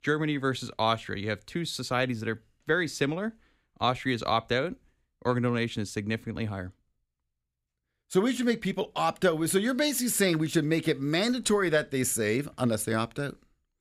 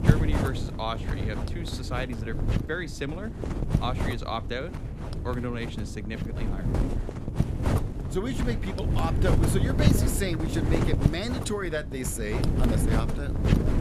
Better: first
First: none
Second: wind noise on the microphone; heavy; 2 dB below the speech

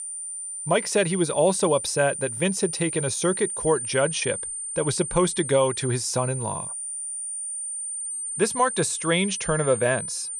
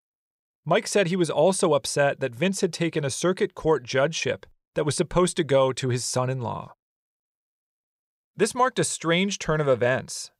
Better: second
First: high-pitched whine; loud; throughout; 9 kHz, 5 dB below the speech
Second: none

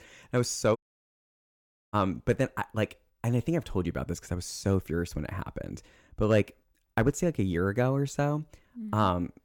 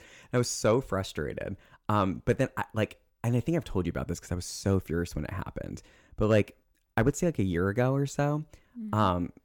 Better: second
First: audio cutting out; at 1 s for 1 s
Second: none

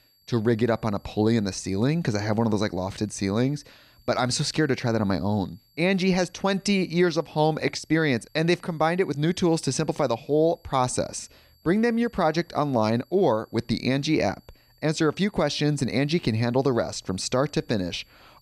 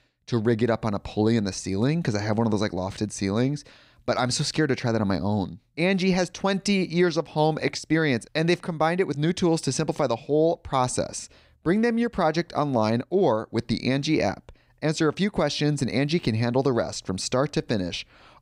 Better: second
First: high-pitched whine; faint; throughout; 4.5 kHz, 35 dB below the speech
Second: none

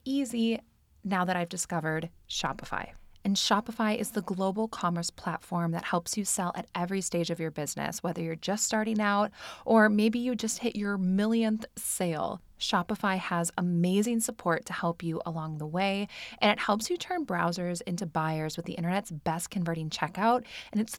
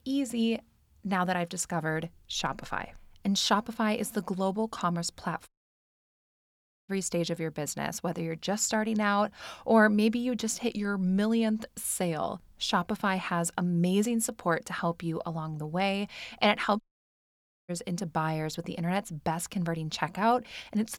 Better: first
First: none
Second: audio cutting out; at 5.5 s for 1.5 s and at 17 s for 1 s

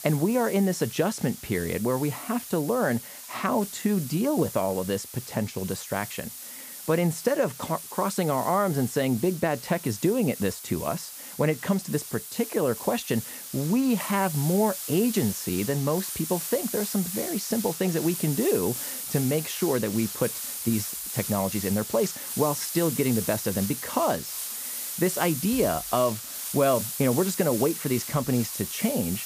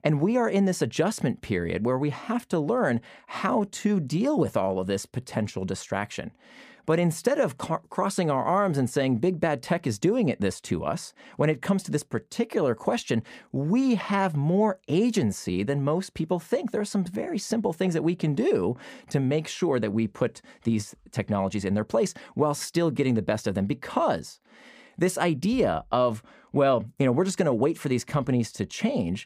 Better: second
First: hiss; loud; throughout; 7 dB below the speech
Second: none

